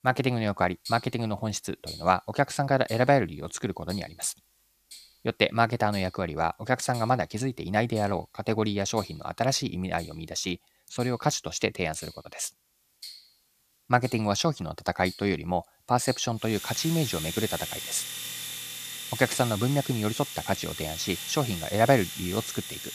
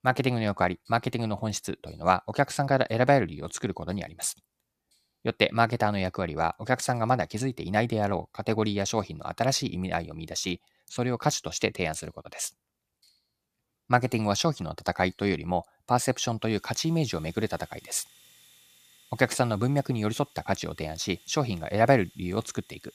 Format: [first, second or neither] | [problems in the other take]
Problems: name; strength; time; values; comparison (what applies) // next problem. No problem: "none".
second | household noises; loud; throughout; 9 dB below the speech; faint in the second